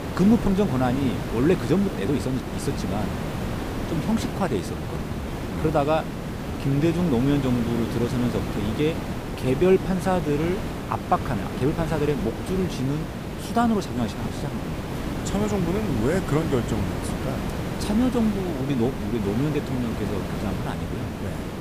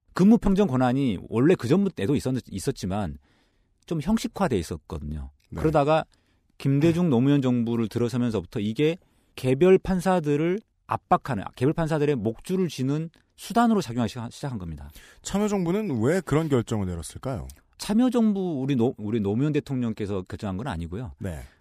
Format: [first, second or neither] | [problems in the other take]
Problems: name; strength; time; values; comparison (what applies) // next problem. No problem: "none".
second | hiss; loud; throughout; 5 dB below the speech